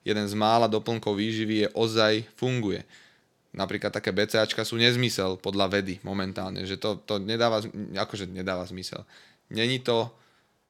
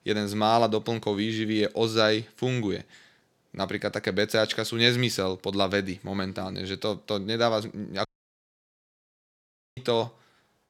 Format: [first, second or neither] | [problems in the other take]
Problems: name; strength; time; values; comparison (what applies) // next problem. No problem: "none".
first | audio cutting out; at 8 s for 1.5 s